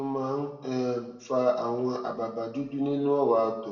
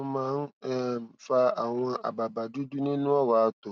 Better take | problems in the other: second | room echo; dies away in 0.7 s

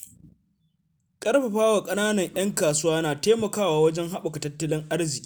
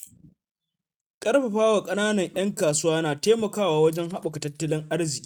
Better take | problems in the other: first | noise reduction (neural mask model RNNoise)

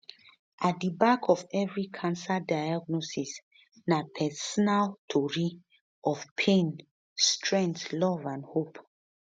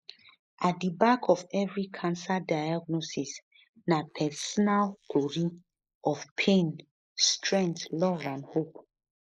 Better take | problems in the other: first | noise reduction (neural mask model Resemble Enhance denoiser)

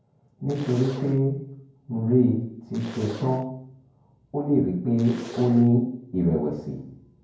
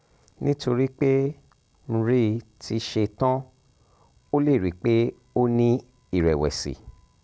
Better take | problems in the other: second | background sound (Zipper (clothing)); 18 dB below the speech // room echo; dies away in 0.9 s

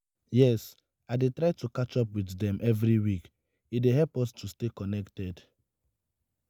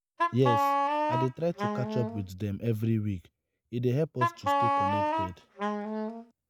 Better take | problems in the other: first | background sound (Wind instrument, woodwind instrument); 3 dB above the speech

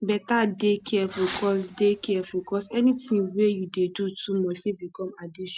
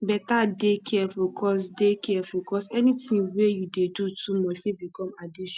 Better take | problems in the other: second | background sound (Fireworks); 17 dB below the speech

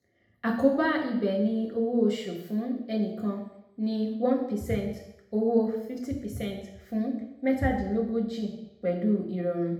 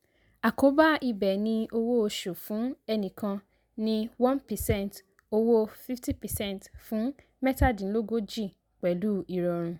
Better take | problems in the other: second | room echo; dies away in 0.8 s

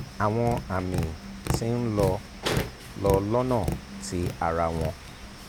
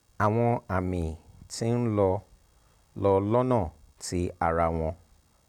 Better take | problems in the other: second | background sound (Tap); 5 dB below the speech

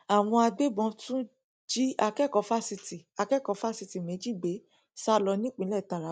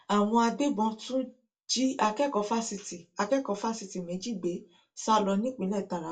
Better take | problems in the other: first | room echo; dies away in 0.2 s

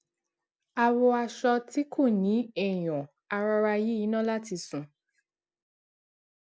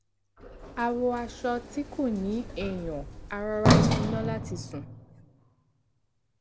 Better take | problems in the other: first | background sound (Sliding door); 2 dB above the speech

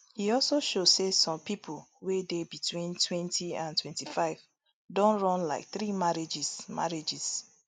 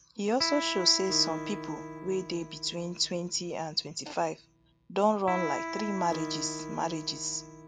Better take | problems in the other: first | background sound (Electric guitar + Acoustic guitar); 8 dB below the speech

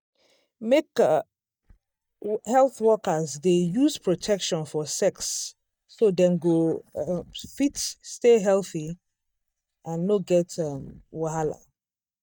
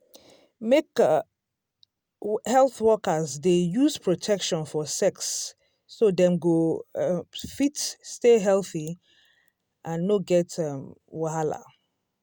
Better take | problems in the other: second | noise reduction (neural mask model DeepFilterNet 3)

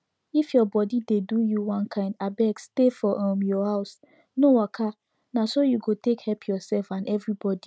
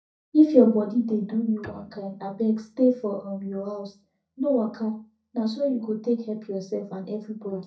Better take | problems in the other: first | noise reduction (neural mask model DeepFilterNet 3)

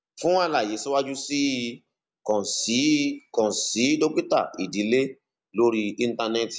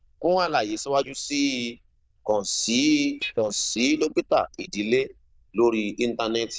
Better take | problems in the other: first | noise reduction (neural diffusion model UNIVERSE++)

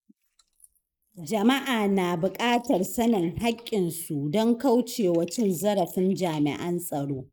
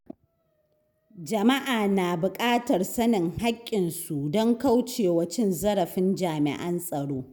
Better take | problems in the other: second | noise reduction (neural mask model Resemble Enhance denoiser)

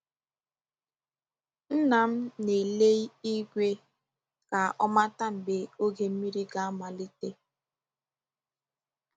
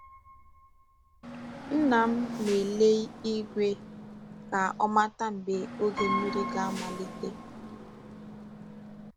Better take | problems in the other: first | background sound (Piano + Hiss / Bus / Engine); 8 dB below the speech

